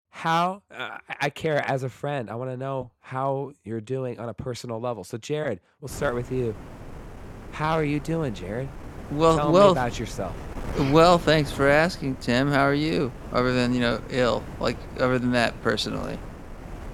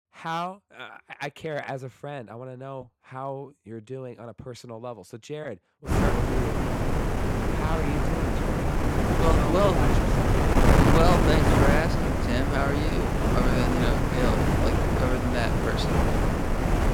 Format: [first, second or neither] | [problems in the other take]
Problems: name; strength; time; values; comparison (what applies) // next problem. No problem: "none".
first | wind noise on the microphone; heavy; from 6 s on; 3 dB above the speech; occasional gusts in the first